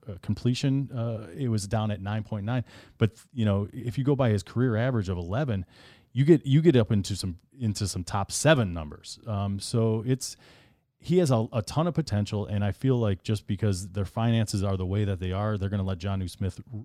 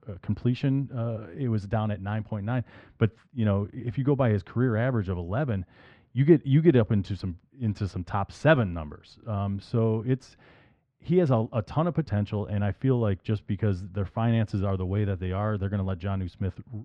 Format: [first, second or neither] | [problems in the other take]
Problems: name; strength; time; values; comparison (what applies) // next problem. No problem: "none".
first | muffled; very; fading above 2 kHz